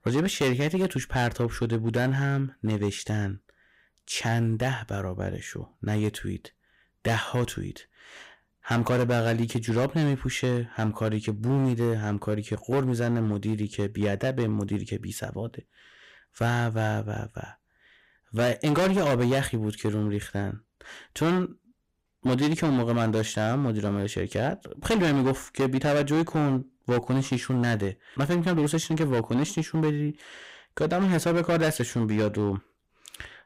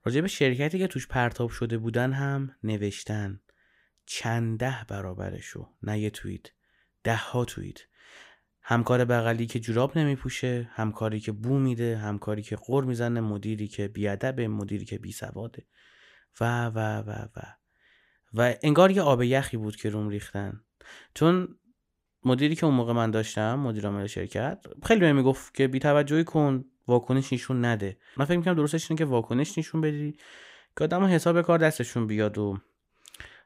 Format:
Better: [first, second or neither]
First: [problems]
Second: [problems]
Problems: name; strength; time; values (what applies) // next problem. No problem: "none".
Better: second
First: distortion; heavy; 10% of the sound clipped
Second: none